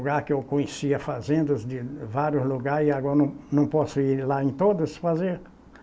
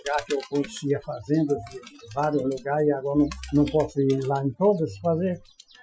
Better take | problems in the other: first | noise reduction (classical method Wiener filter)

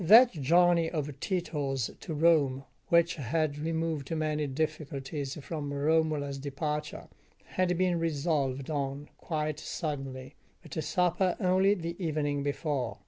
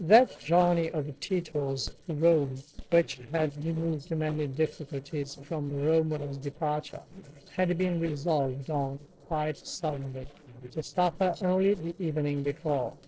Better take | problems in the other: first | noise reduction (neural separator model SepFormer DNS4)

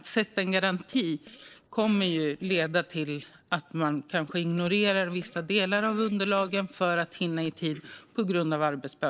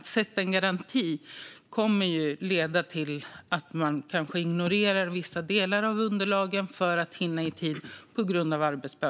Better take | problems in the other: second | noise reduction (neural separator model SepFormer DNS4)

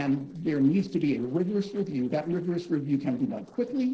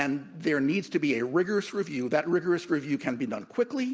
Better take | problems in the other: second | noise reduction (neural separator model SepFormer DNS4)

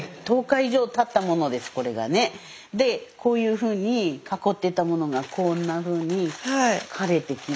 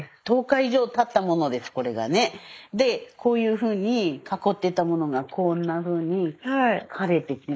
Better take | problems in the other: first | noise reduction (neural mask model Resemble Enhance denoiser)

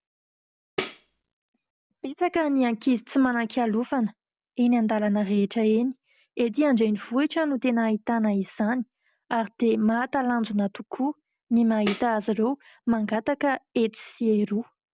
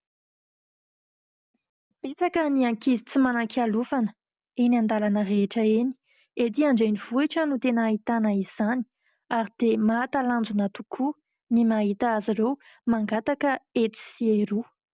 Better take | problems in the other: second | background sound (Tambourine); 13 dB below the speech

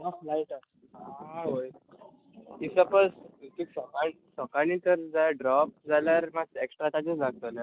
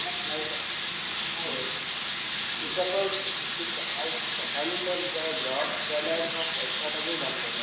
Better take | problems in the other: first | background sound (Sink (filling or washing) / Water tap, faucet); 4 dB above the speech // room echo; dies away in 1 s

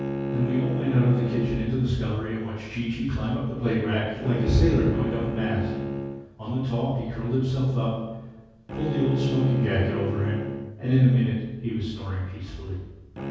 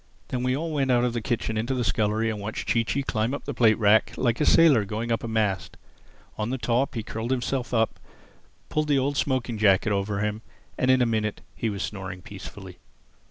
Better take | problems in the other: second | background sound (Bowed string instrument); 8 dB below the speech // room echo; dies away in 1.3 s

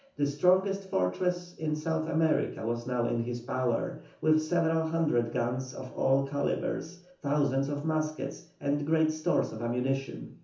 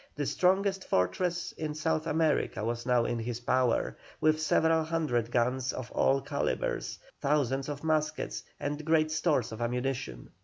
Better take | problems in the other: second | room echo; dies away in 0.9 s

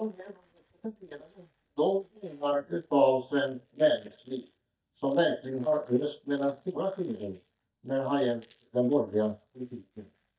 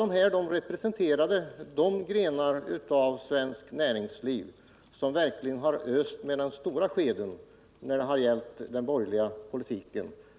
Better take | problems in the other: second | noise reduction (neural mask model DeepFilterNet 3)

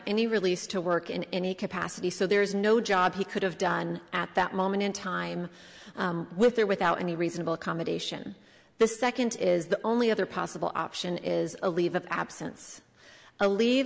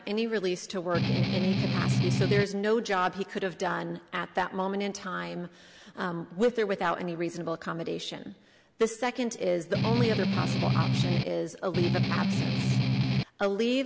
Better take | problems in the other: first | background sound (Strum); 4 dB above the speech

